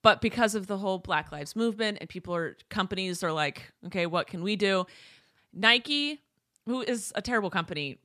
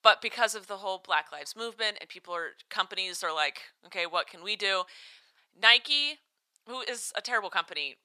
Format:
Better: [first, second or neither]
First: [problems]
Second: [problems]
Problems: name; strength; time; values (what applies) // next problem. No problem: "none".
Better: first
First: none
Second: thin; very; fading below 800 Hz